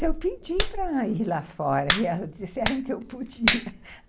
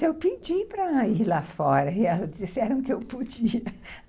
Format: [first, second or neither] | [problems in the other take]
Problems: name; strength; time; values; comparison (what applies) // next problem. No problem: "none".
second | background sound (Hands); 2 dB below the speech